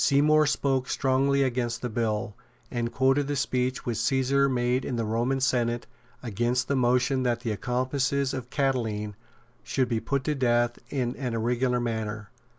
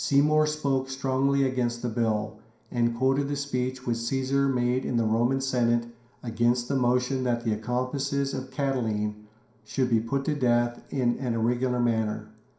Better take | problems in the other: first | room echo; dies away in 0.5 s

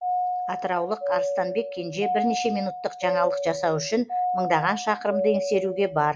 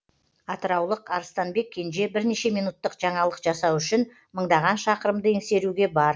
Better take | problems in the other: second | background sound (Doorbell); 2 dB below the speech

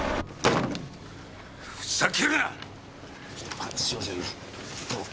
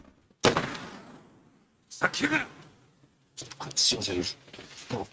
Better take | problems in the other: first | noise reduction (neural mask model RNNoise)

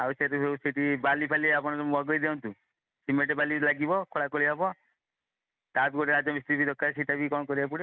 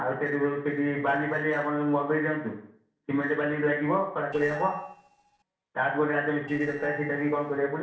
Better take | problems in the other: first | noise reduction (neural separator model SepFormer DNS4)

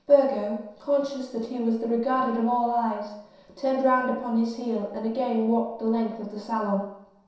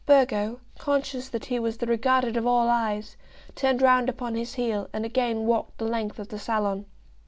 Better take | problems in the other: second | room echo; dies away in 0.7 s

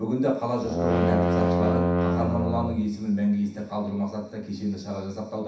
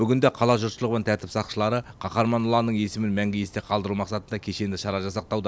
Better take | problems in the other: second | background sound (Brass instrument); 3 dB above the speech // room echo; dies away in 0.7 s

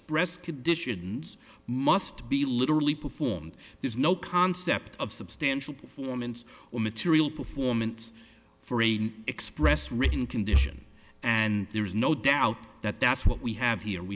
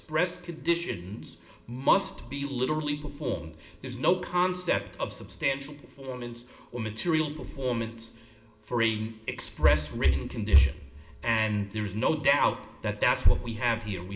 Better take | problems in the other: first | room echo; dies away in 0.6 s

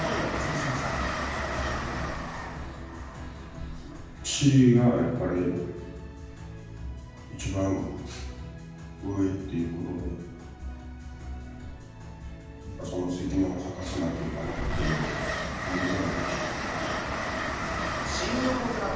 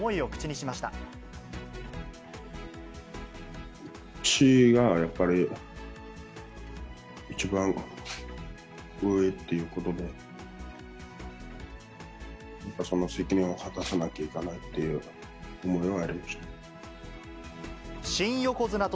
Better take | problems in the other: second | background sound (Train); 5 dB below the speech // room echo; dies away in 1.2 s

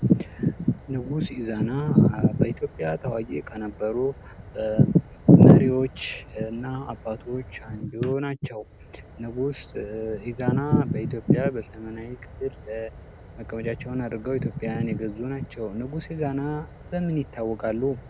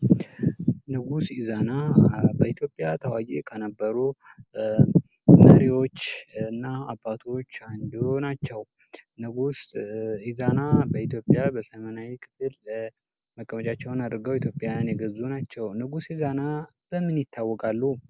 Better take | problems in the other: second | background sound (Fire); 20 dB below the speech

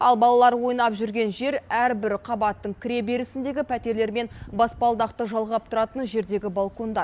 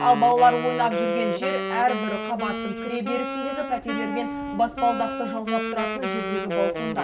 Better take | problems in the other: first | background sound (Wind instrument, woodwind instrument); 4 dB below the speech // room echo; dies away in 0.5 s

